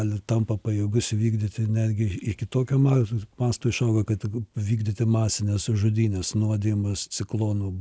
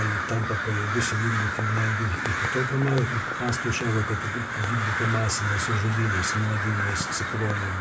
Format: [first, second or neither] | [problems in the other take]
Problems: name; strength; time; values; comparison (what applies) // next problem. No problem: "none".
first | background sound (Crow); 2 dB below the speech // room echo; dies away in 0.6 s